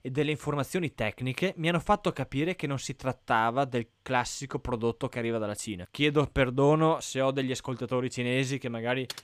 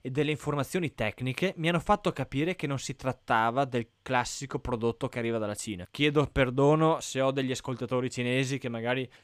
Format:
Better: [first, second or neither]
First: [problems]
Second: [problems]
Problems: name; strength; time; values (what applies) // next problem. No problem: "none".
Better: second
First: keyboard typing; faint; at 9 s; peak 15 dB below the speech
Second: none